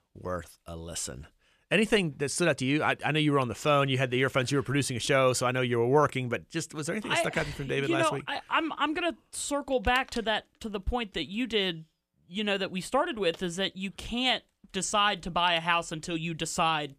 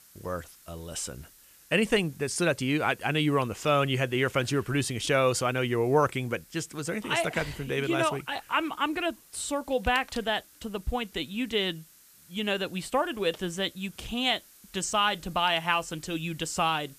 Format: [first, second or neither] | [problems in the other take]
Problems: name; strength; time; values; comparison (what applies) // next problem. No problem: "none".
first | hiss; faint; throughout; 25 dB below the speech